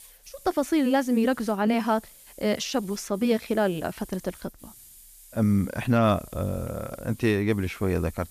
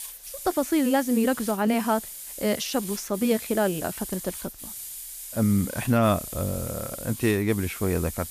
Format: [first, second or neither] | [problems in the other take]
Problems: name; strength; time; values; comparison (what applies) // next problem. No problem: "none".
first | hiss; loud; throughout; 10 dB below the speech; faint in the first